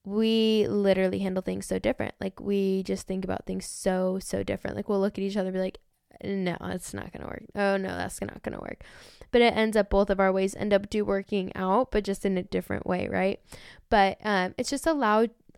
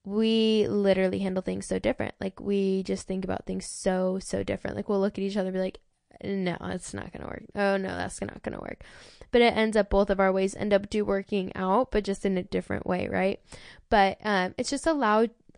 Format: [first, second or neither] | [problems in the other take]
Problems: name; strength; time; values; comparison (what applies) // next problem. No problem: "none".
first | garbled, watery; slightly